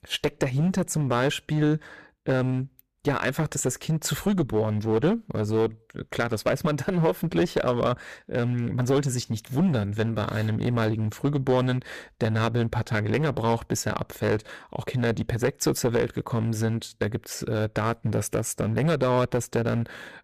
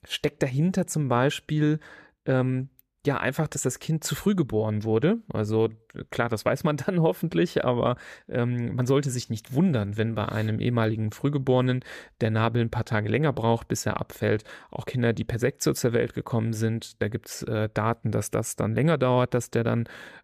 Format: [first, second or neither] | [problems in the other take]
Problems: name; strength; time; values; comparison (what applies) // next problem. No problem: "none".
second | distortion; slight; 7% of the sound clipped